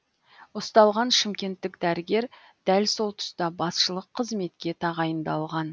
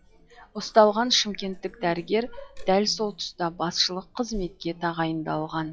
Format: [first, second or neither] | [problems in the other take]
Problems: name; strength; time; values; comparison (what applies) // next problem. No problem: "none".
first | noise reduction (classical method log-MMSE)